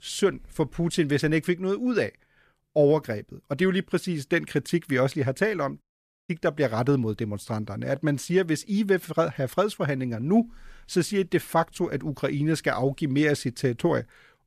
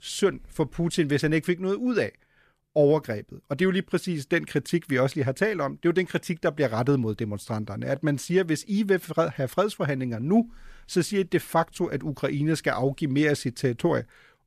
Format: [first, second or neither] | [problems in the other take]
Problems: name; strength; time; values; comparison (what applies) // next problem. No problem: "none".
second | audio cutting out; at 6 s